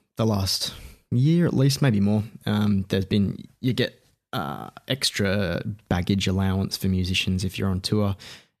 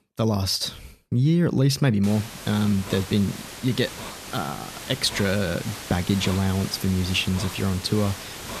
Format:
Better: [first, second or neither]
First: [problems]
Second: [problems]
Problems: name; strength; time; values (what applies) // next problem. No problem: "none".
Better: first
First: none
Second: hiss; noticeable; from 2 s on; 10 dB below the speech